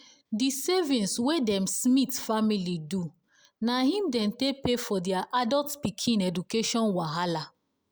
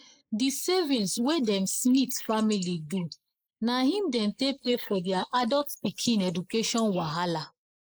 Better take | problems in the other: first | noise reduction (neural mask model Resemble Enhance denoiser)

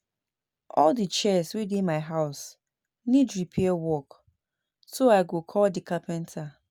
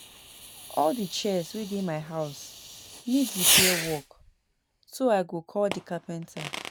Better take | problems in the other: first | background sound (Fireworks); 1 dB below the speech

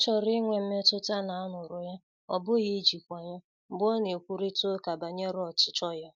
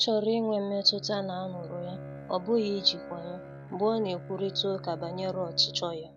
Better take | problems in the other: first | background sound (Bowed string instrument); 13 dB below the speech

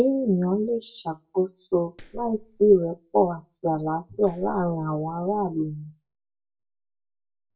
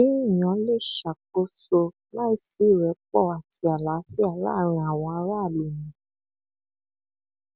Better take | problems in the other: second | noise reduction (neural mask model DeepFilterNet 3)

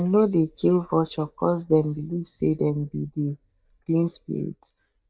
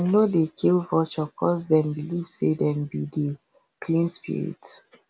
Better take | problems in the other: second | noise reduction (neural mask model DeepFilterNet 3)

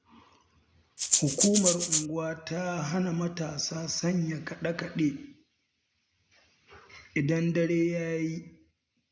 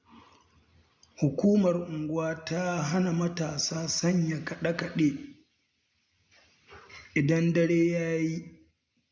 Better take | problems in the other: second | background sound (Rattle (instrument)); 4 dB above the speech

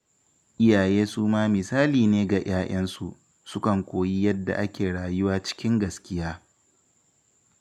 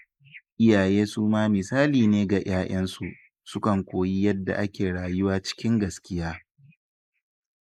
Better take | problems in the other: first | noise reduction (neural mask model Resemble Enhance denoiser)

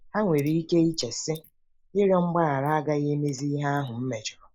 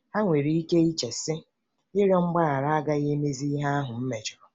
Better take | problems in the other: second | noise reduction (neural mask model Resemble Enhance denoiser)

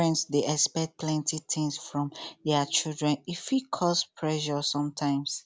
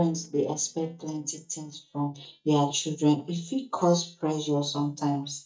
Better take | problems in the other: first | noise reduction (neural mask model DeepFilterNet 3)

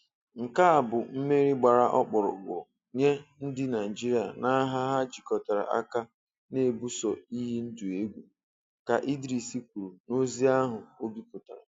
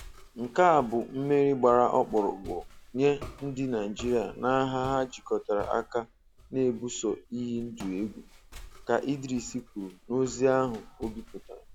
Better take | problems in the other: first | background sound (Walk, footsteps); 20 dB below the speech

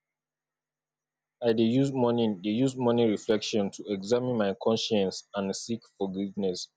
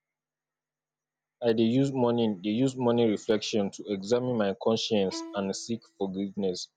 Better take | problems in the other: first | background sound (Bowed string instrument); 17 dB below the speech

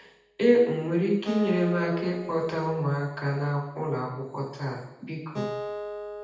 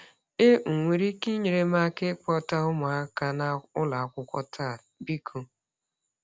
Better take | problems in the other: second | background sound (Acoustic guitar); 11 dB below the speech // room echo; dies away in 0.8 s

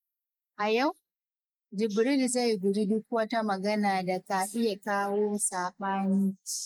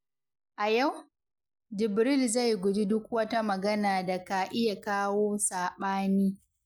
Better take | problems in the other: second | noise reduction (neural mask model Resemble Enhance denoiser)

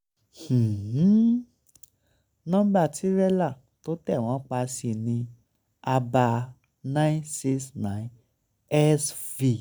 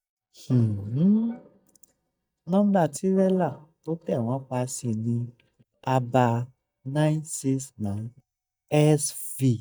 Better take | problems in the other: first | noise reduction (neural mask model DeepFilterNet 3)

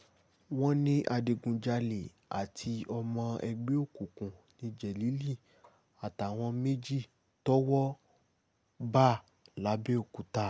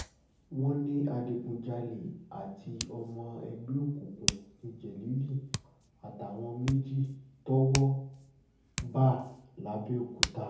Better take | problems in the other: first | background sound (Hands); 9 dB below the speech // room echo; dies away in 0.7 s

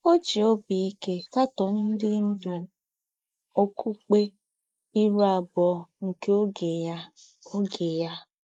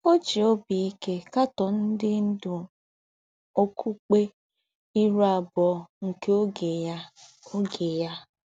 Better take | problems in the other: second | noise reduction (neural mask model Resemble Enhance denoiser)

